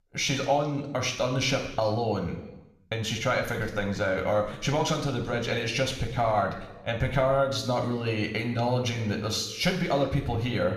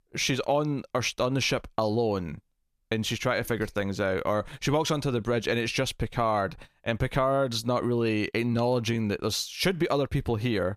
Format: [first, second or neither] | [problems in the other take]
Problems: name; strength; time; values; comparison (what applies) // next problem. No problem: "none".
second | room echo; slight; dies away in 0.9 s // off-mic speech; somewhat distant